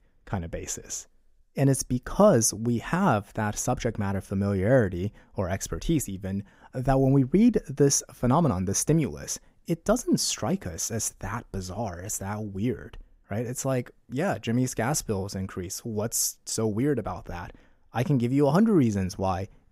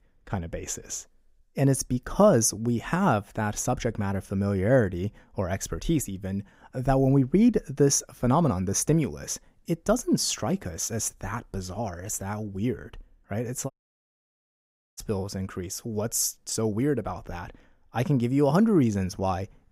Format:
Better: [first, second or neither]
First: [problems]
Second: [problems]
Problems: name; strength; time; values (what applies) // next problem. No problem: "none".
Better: first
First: none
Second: audio cutting out; at 14 s for 1.5 s